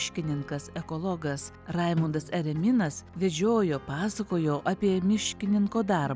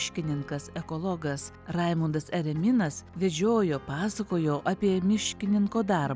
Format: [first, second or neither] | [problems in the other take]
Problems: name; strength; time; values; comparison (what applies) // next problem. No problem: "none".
second | background sound (Snare drum); 16 dB below the speech